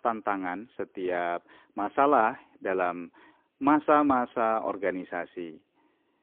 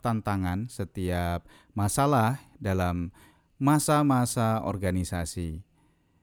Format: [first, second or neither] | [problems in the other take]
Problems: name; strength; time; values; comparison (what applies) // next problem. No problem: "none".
second | phone-call audio; poor line; nothing above 3.5 kHz